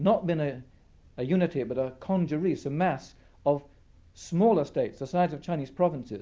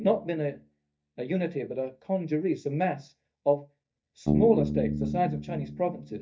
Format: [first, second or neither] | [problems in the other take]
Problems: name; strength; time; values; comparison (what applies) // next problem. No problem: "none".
first | noise reduction (neural mask model DeepFilterNet 3)